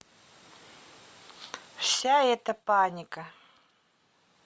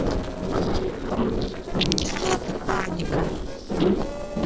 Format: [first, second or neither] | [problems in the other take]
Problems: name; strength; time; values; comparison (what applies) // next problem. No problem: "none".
first | noise reduction (neural separator model SepFormer DNS4)